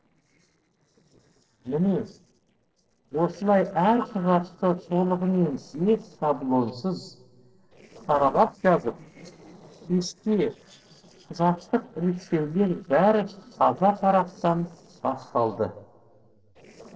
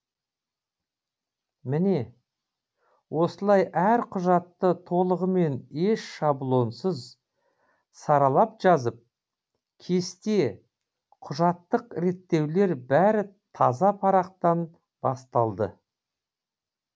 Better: second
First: noise reduction (neural separator model SepFormer DNS4)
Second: none

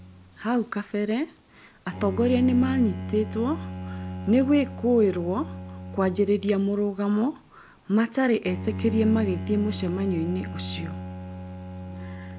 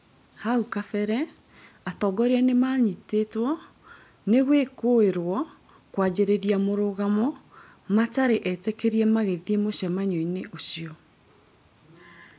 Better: second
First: background sound (Bowed string instrument); 9 dB below the speech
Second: none

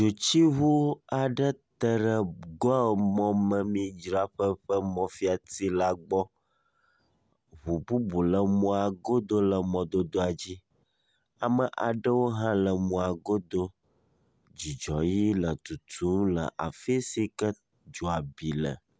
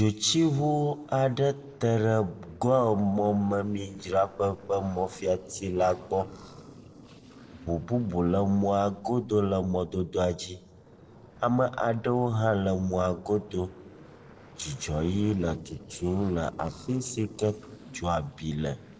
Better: first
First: none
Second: noise reduction (neural separator model SepFormer DNS4)

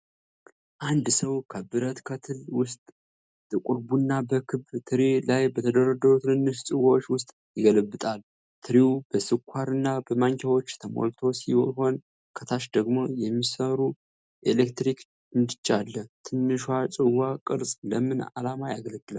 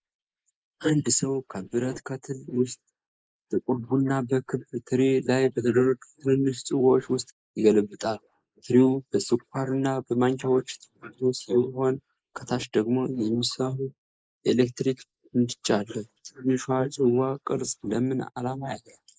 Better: first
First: none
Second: noise reduction (neural mask model Resemble Enhance denoiser)

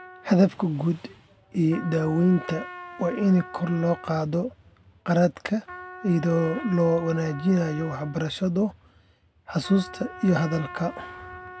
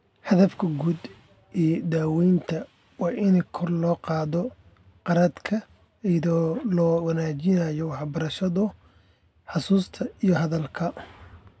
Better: second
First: background sound (Trumpet); 17 dB below the speech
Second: none

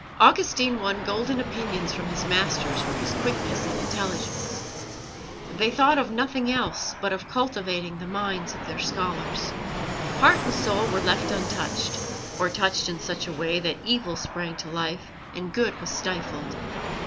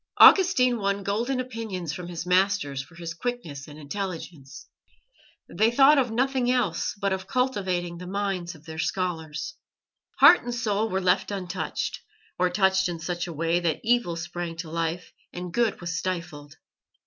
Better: second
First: background sound (Fixed-wing aircraft, airplane); 5 dB below the speech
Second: none

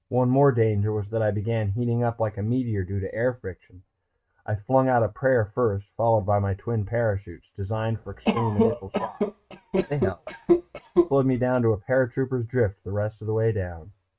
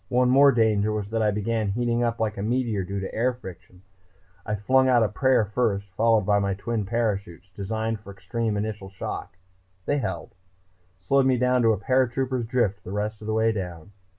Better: second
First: noise reduction (neural mask model RNNoise)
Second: none

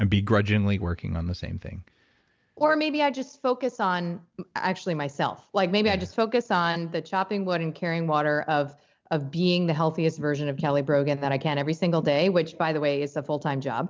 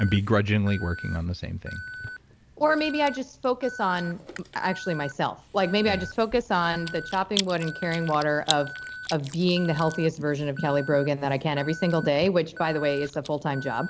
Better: first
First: none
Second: background sound (Alarm + Chewing, mastication); 12 dB below the speech

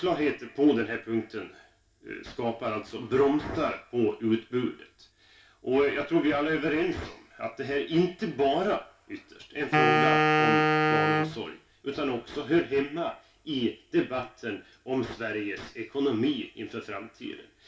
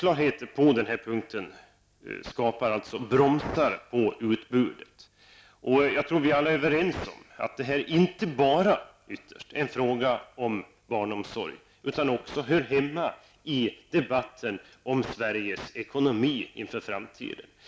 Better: second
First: background sound (Wind instrument, woodwind instrument); 4 dB above the speech // room echo; dies away in 0.2 s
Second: none

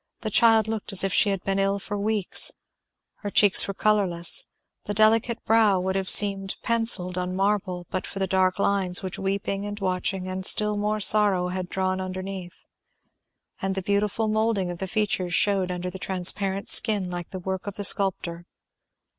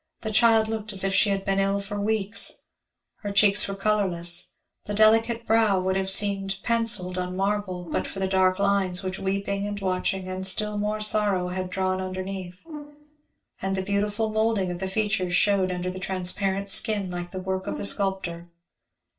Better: first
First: none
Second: background sound (Brass instrument); 13 dB below the speech // room echo; dies away in 0.2 s

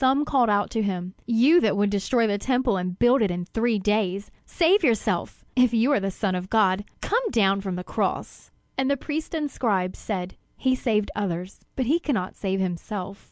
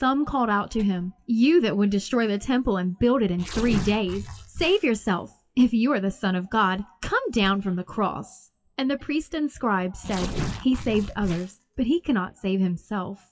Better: first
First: none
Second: noise reduction (classical method WPE with log-MMSE)

